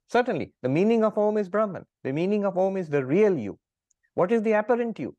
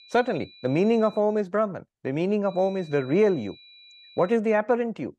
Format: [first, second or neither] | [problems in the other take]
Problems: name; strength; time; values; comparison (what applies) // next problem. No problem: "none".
first | high-pitched whine; faint; until 1 s and from 2.5 to 4.5 s; 4 kHz, 25 dB below the speech